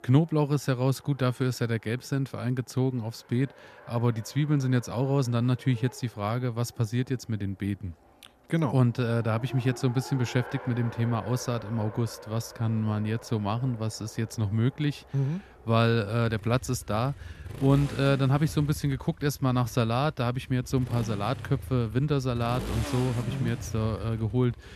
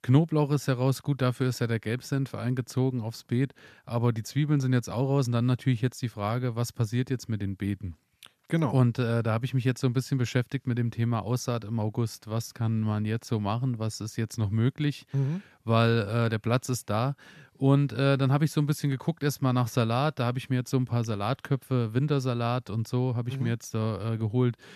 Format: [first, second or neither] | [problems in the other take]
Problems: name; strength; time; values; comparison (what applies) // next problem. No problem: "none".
second | traffic noise; noticeable; throughout; 15 dB below the speech